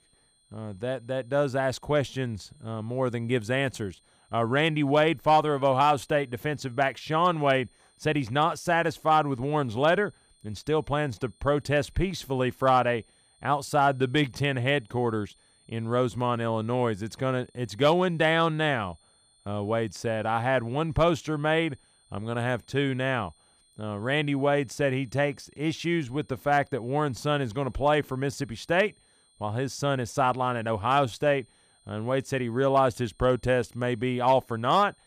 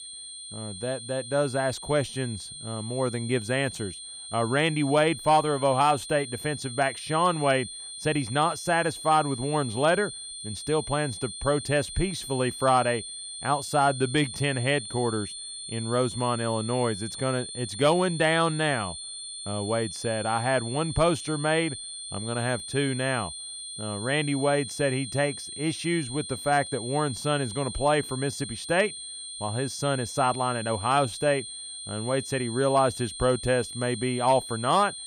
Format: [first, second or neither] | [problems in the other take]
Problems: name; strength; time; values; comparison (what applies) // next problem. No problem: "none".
first | high-pitched whine; loud; throughout; 8.5 kHz, 9 dB below the speech; faint in the first